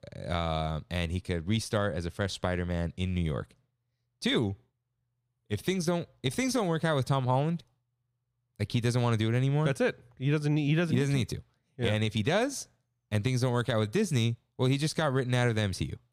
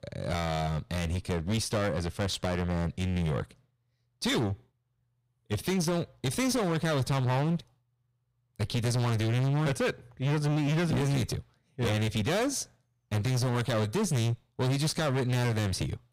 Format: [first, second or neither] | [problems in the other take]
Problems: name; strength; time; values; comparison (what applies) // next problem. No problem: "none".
first | distortion; heavy; 22% of the sound clipped